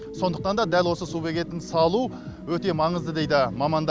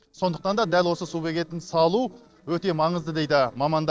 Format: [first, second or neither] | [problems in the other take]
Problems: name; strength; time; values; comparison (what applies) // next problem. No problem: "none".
first | noise reduction (neural separator model SepFormer DNS4)